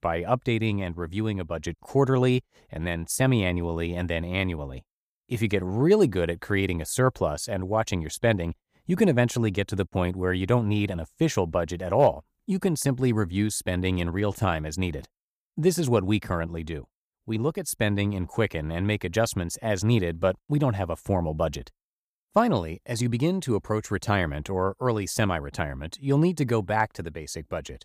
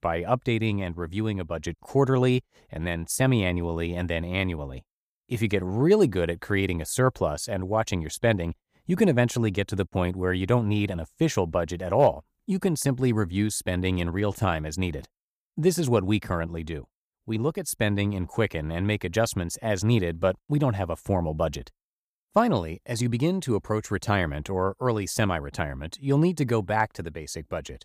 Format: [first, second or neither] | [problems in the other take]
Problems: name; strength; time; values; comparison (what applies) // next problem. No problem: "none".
neither | none